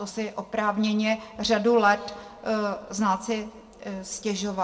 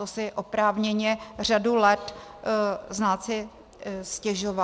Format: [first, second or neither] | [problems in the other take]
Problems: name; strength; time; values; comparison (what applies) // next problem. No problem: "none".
second | room echo; dies away in 1 s